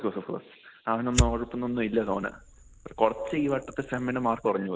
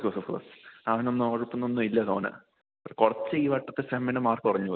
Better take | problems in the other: second | background sound (Fire); 5 dB below the speech

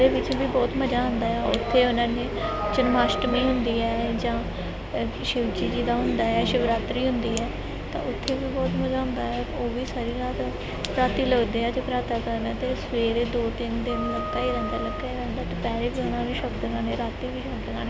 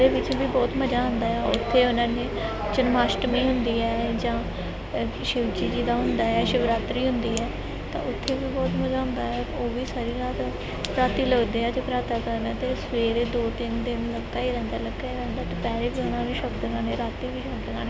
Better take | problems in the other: second | background sound (Wind instrument, woodwind instrument); 10 dB below the speech

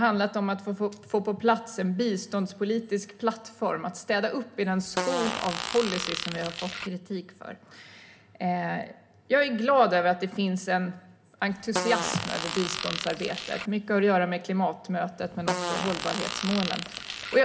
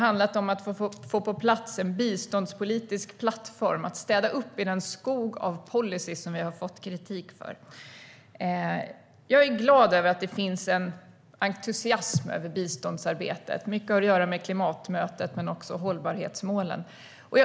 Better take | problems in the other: second | background sound (Fart); 5 dB below the speech // room echo; dies away in 0.3 s

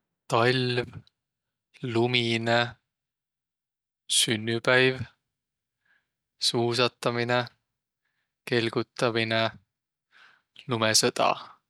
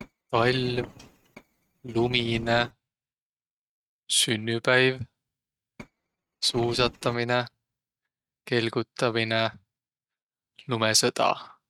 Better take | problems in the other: first | noise reduction (neural mask model RNNoise)

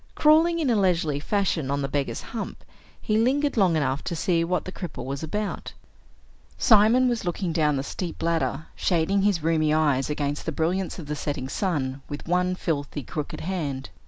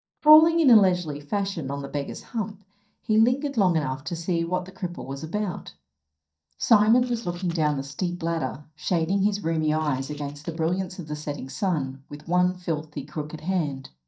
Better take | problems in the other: first | noise reduction (neural mask model DeepFilterNet 3)

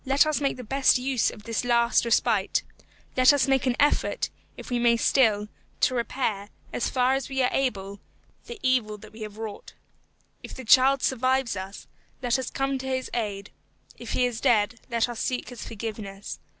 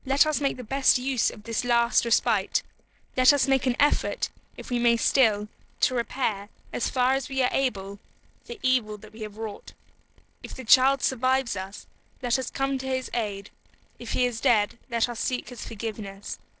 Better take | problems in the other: first | noise reduction (neural separator model SepFormer DNS4)

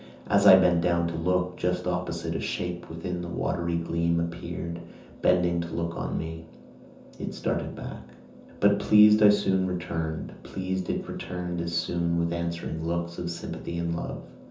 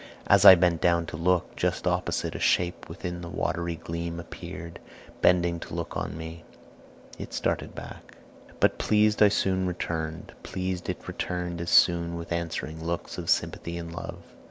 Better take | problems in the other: second | room echo; dies away in 0.6 s

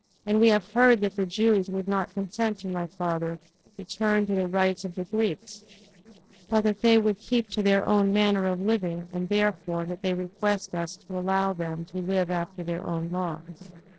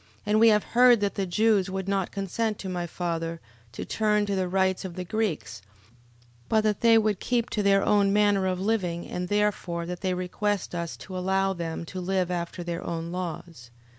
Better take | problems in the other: second | noise reduction (neural separator model SepFormer DNS4)

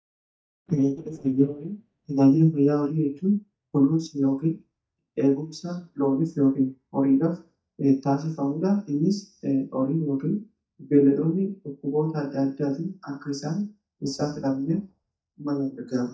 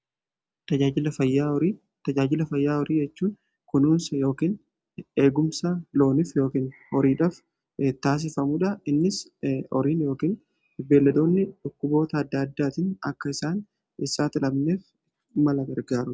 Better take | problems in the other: second | noise reduction (neural mask model DeepFilterNet 3)

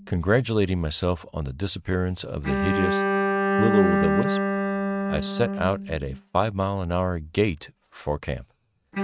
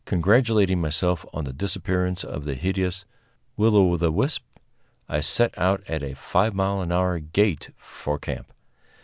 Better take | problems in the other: second | noise reduction (neural mask model RNNoise)

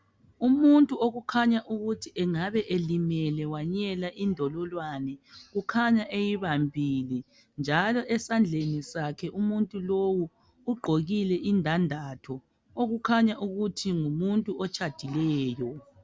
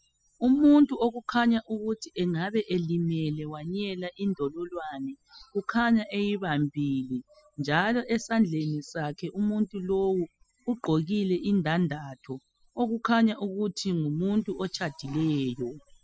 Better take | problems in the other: first | noise reduction (classical method spectral subtraction)

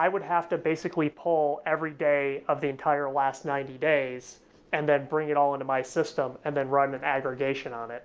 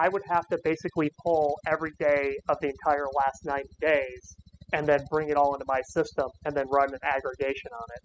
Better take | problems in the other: first | noise reduction (classical method spectral subtraction)

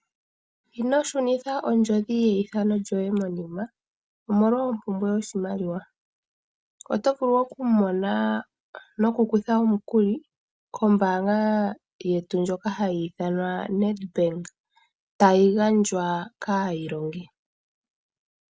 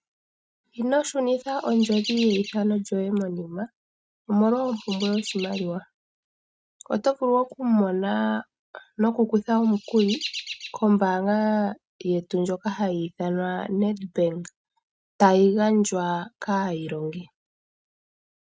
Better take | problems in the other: first | noise reduction (neural mask model RNNoise)

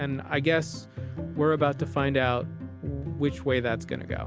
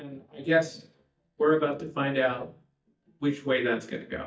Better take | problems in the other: first | noise reduction (neural mask model DeepFilterNet 3)

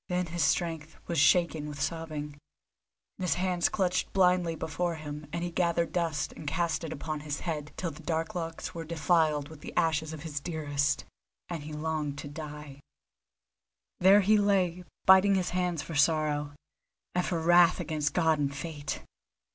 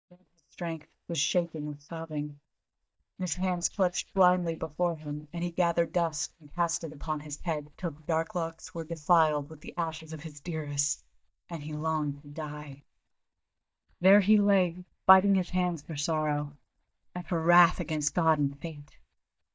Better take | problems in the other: first | noise reduction (neural mask model DeepFilterNet 3)

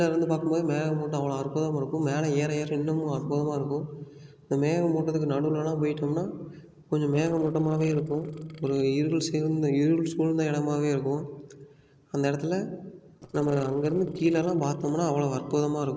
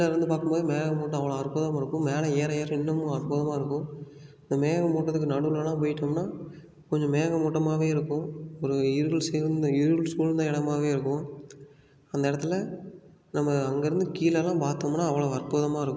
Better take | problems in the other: second | noise reduction (neural separator model SepFormer DNS4)

